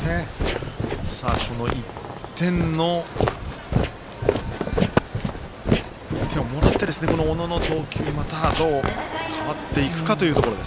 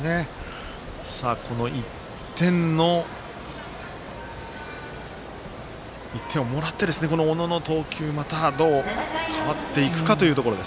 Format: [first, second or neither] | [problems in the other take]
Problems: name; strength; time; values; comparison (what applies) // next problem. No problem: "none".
second | background sound (Walk, footsteps); 1 dB above the speech